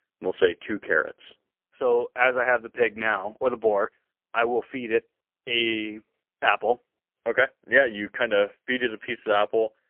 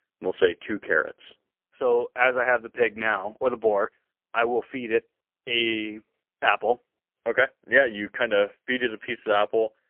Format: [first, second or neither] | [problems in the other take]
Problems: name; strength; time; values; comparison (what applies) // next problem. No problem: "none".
neither | phone-call audio; poor line; nothing above 3 kHz; the same in both